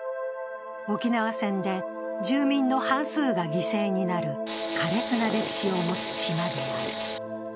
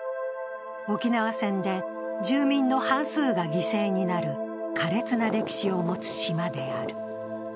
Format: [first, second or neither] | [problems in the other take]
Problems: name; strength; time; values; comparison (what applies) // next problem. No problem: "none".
second | background sound (Tools); 9 dB below the speech